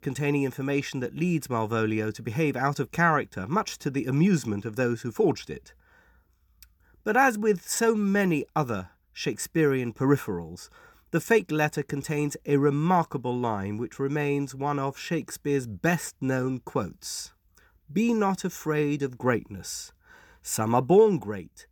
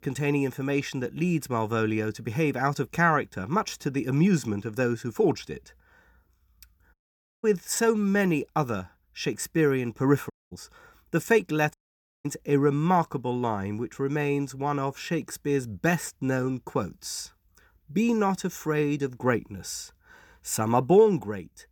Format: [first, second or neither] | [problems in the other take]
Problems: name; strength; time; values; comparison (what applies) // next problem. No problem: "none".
first | audio cutting out; at 7 s, at 10 s and at 12 s for 0.5 s